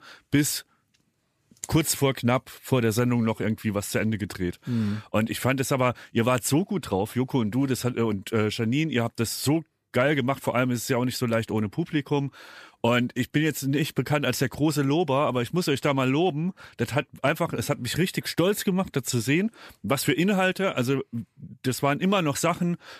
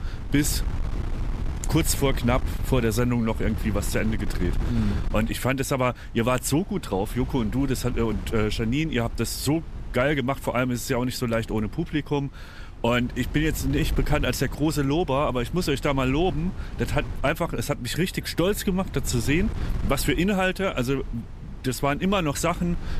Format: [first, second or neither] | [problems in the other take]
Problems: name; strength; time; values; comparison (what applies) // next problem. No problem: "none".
first | wind noise on the microphone; occasional gusts; 15 dB below the speech